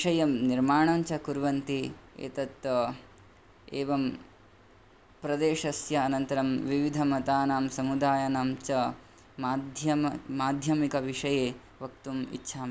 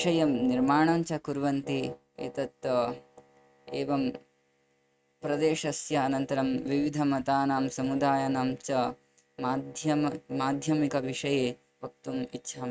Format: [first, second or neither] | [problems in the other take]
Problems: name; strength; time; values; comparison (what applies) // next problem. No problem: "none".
first | noise reduction (neural mask model RNNoise)